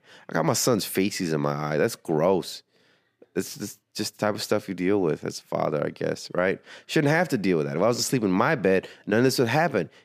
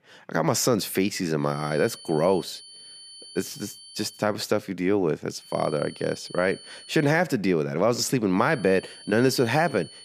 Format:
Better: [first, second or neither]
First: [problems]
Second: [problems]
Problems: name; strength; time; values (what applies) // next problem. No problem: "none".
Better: first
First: none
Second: high-pitched whine; noticeable; from 1.5 to 4 s, from 5.5 to 7 s and from 8.5 s on; 4.5 kHz, 20 dB below the speech